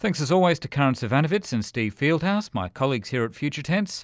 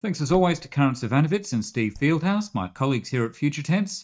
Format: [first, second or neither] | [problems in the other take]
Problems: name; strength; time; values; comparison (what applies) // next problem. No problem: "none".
first | noise reduction (neural mask model DeepFilterNet 3)